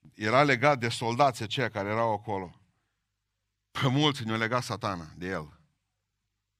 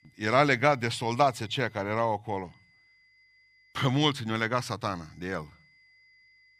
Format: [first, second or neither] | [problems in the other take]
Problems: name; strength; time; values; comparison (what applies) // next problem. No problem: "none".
first | high-pitched whine; faint; until 2 s, from 2.5 to 3.5 s and from 5 s on; 2 kHz, 35 dB below the speech